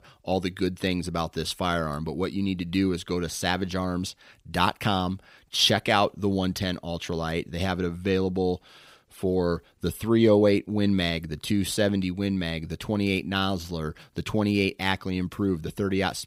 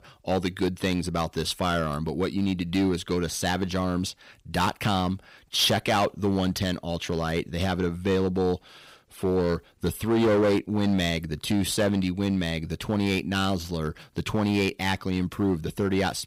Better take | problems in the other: first | distortion; slight; 7% of the sound clipped

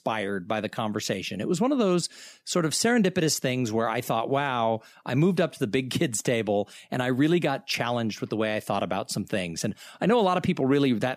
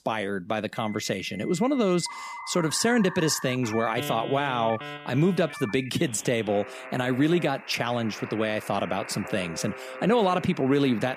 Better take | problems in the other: first | alarms or sirens; noticeable; throughout; 15 dB below the speech

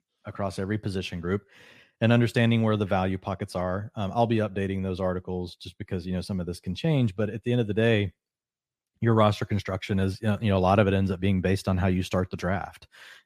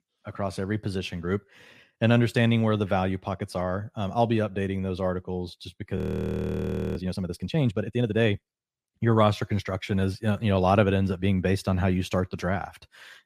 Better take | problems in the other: first | audio freezing; at 6 s for 1 s

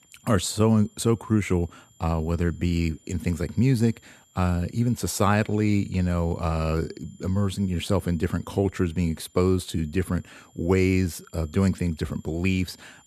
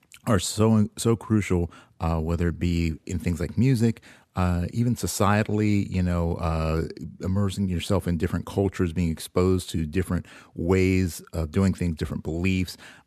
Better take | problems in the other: second | high-pitched whine; faint; throughout; 7 kHz, 30 dB below the speech

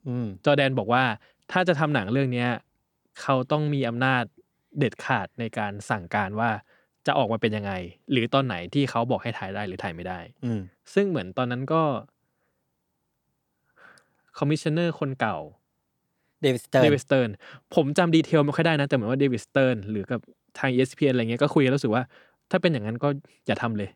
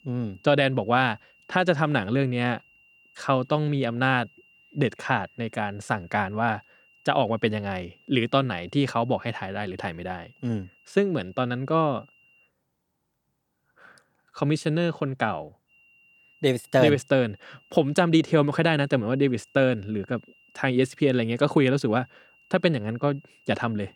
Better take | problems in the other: first | high-pitched whine; faint; until 12 s and from 16 s on; 3 kHz, 30 dB below the speech

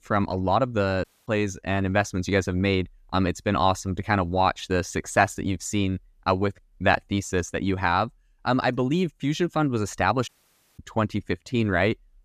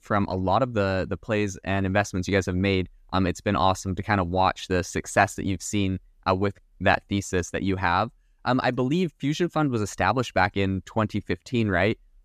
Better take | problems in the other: second | audio cutting out; at 1 s and at 10 s for 0.5 s

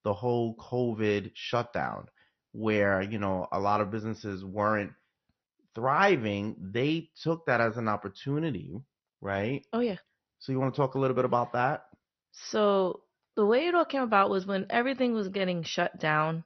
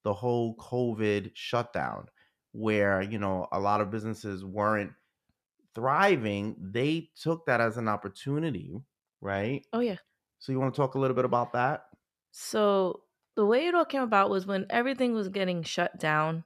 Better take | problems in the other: second | garbled, watery; slightly; nothing above 6 kHz

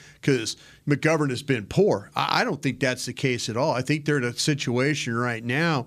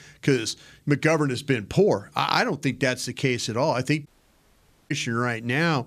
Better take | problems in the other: first | audio cutting out; at 4 s for 1 s

